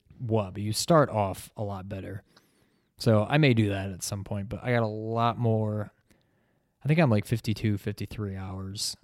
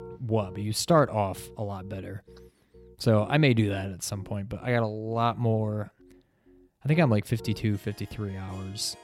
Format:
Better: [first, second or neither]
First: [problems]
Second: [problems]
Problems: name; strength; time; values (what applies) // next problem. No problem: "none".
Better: first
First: none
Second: background music; faint; throughout; 20 dB below the speech